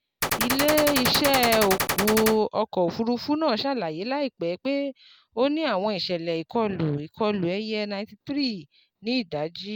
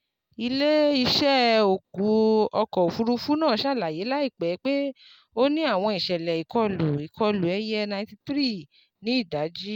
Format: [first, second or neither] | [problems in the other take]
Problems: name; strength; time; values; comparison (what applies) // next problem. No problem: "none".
second | background sound (Gunshot, gunfire); as loud as the speech